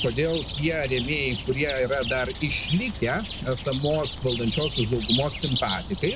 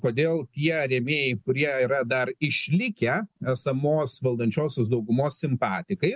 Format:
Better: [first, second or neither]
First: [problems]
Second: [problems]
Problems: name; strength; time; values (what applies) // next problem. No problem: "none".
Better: second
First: background sound (Chirp, tweet); 7 dB below the speech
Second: none